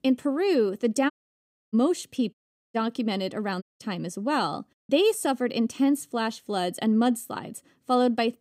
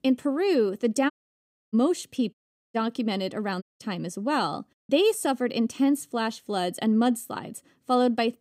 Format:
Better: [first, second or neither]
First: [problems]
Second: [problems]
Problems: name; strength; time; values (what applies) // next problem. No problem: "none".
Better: neither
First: audio cutting out; at 1 s for 0.5 s, at 2.5 s and at 3.5 s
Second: audio cutting out; at 1 s for 0.5 s, at 2.5 s and at 3.5 s